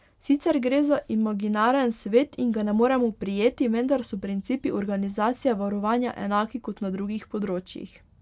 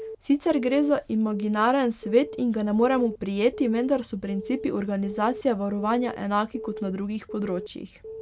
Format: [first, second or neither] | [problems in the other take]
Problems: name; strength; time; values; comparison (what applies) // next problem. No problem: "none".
first | background sound (Alarm / Keyboard (musical)); 15 dB below the speech